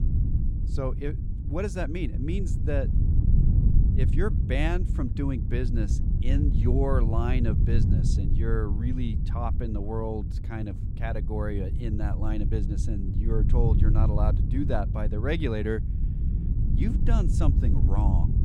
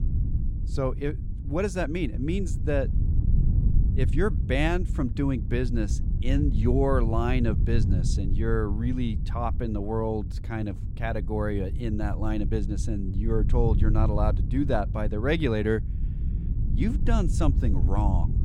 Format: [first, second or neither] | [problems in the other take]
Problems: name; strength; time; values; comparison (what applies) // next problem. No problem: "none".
second | wind noise on the microphone; heavy; 6 dB below the speech; occasional gusts in the second